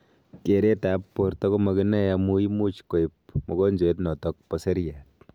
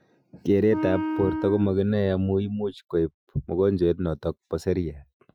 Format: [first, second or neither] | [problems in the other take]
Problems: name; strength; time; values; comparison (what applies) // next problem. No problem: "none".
first | noise reduction (classical method Wiener filter)